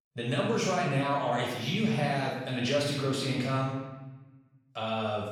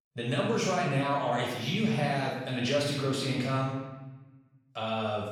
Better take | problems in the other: neither | room echo; noticeable; dies away in 1 s; the same in both // off-mic speech; far; the same in both

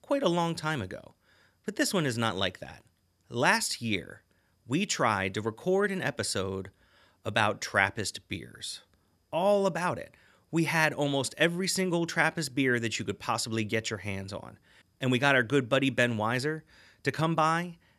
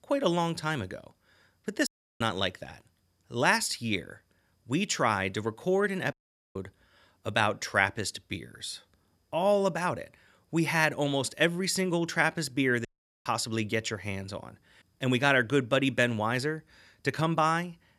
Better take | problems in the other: first | audio cutting out; at 2 s, at 6 s and at 13 s

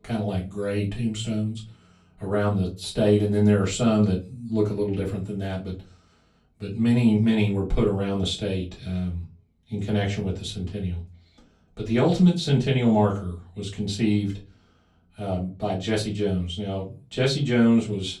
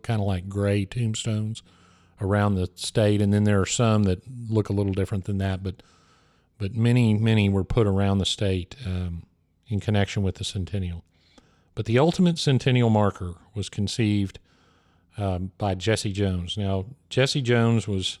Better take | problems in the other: second | off-mic speech; far // room echo; very slight; dies away in 0.2 s

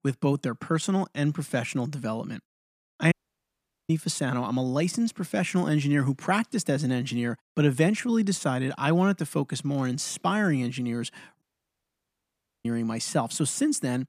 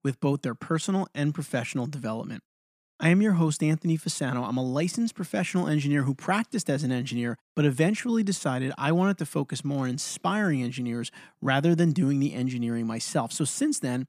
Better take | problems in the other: second | audio cutting out; at 3 s for 1 s and at 11 s for 1 s

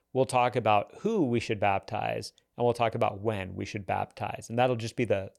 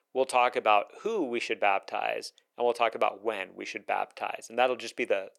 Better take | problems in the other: first | thin; somewhat; fading below 350 Hz

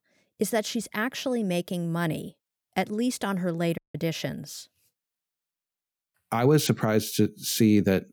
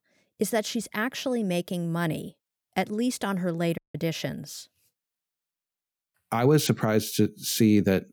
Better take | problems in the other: neither | audio cutting out; at 4 s; the same in both

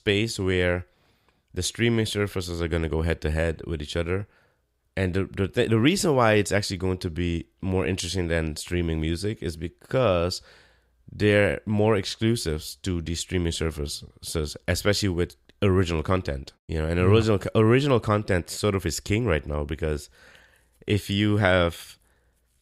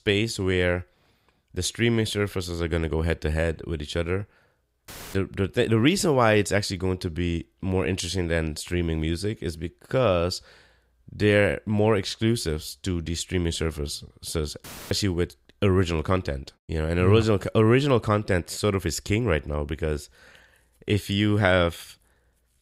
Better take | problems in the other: first | audio cutting out; filled with static; at 5 s and at 15 s

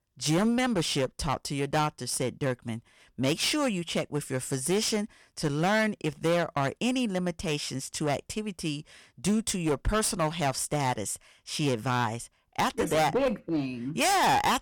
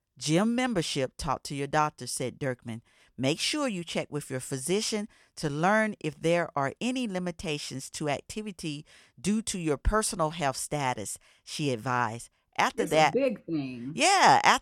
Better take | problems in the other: second | distortion; heavy; 10% of the sound clipped

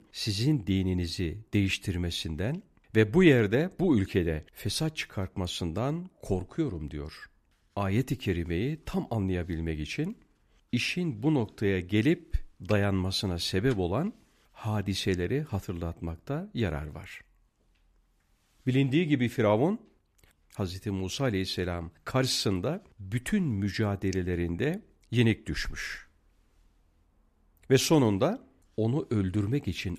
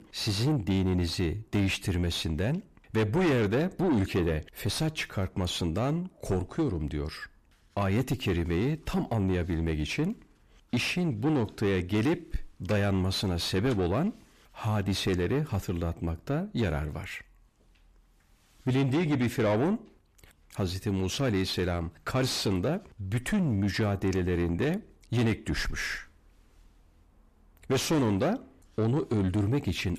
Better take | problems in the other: first | distortion; heavy; 7 dB below the speech

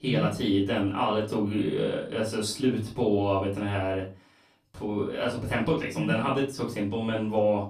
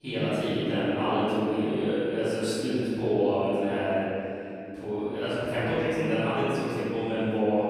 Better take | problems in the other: first | room echo; strong; dies away in 3 s; slight in the first // off-mic speech; far; far in the first

